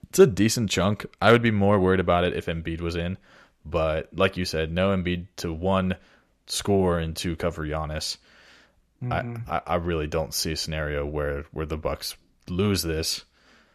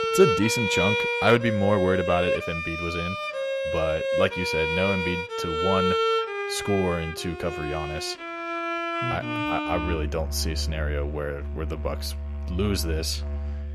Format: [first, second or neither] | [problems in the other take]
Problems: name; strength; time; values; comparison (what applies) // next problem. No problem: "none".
first | background music; loud; throughout; as loud as the speech